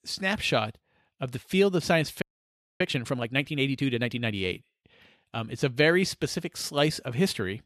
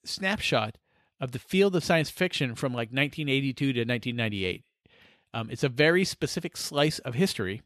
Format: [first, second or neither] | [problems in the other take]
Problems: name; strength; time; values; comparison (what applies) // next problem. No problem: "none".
second | audio freezing; at 2 s for 0.5 s